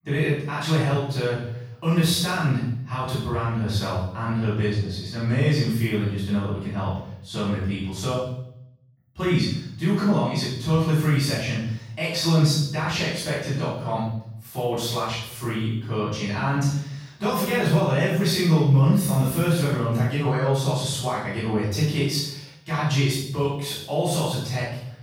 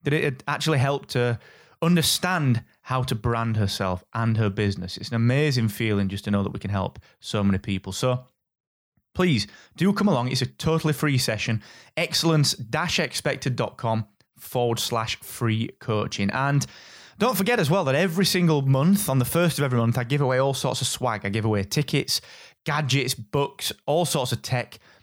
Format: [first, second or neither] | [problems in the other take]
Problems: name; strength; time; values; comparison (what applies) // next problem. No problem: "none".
second | room echo; strong; dies away in 0.7 s // off-mic speech; far